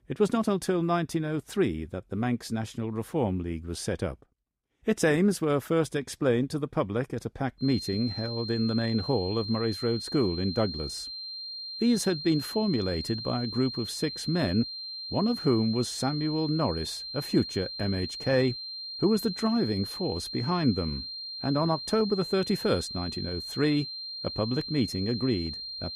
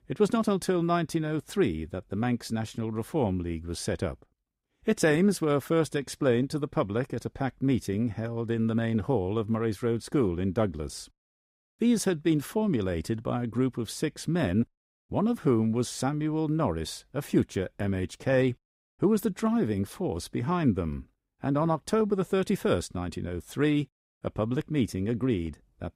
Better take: second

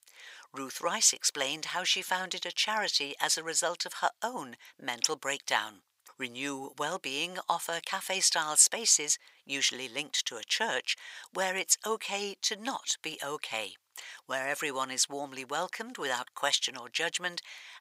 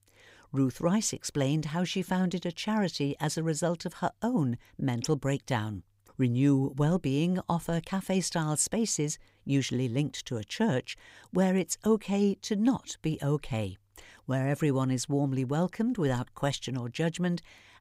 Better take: second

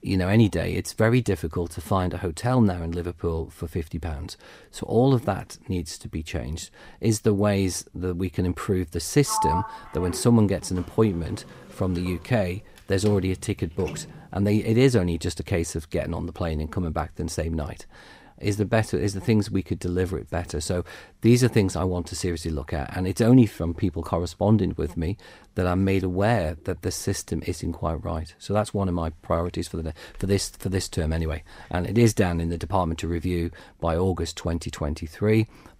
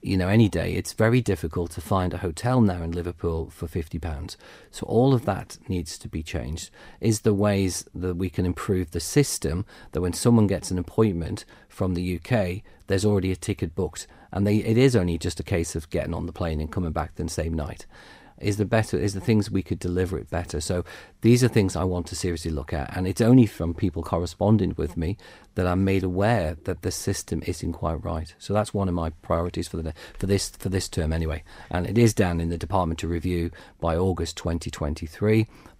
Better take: second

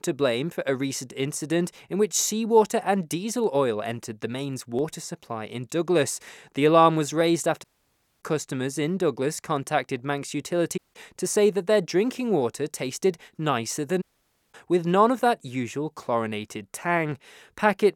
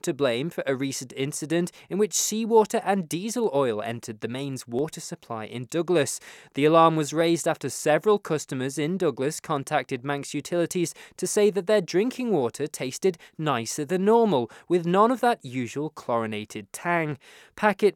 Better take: second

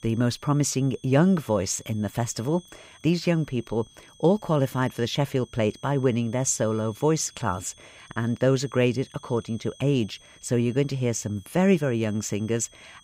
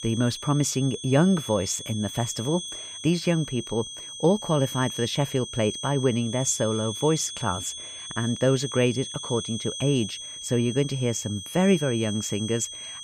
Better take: first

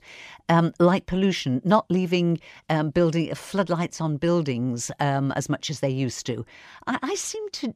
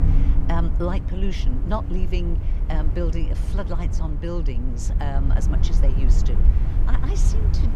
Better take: first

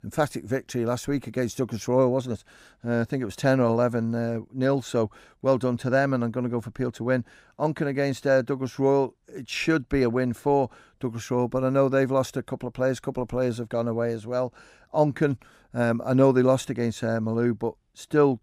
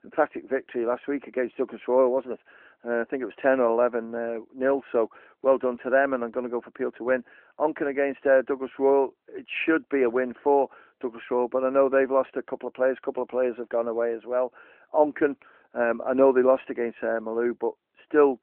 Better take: first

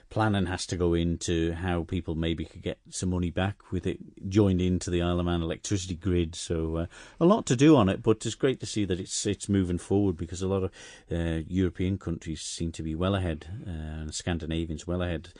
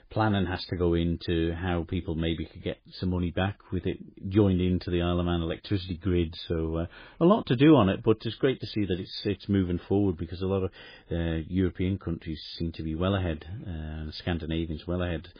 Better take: first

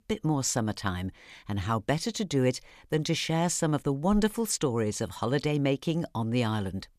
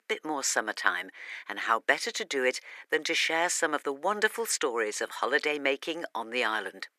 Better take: first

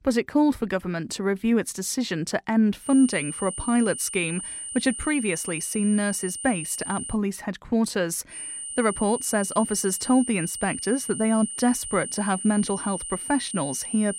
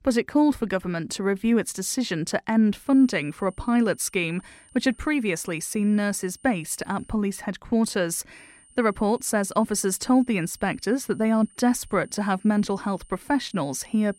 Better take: second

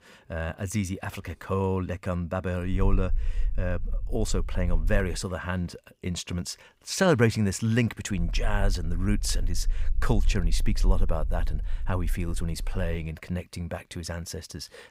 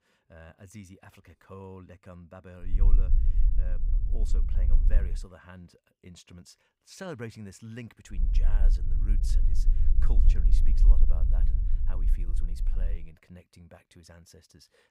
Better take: first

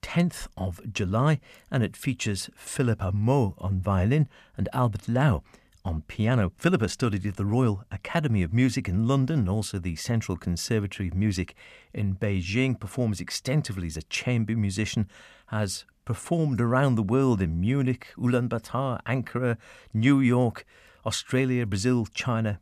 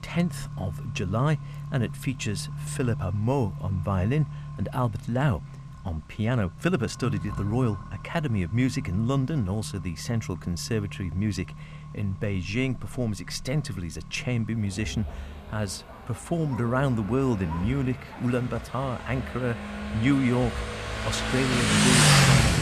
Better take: first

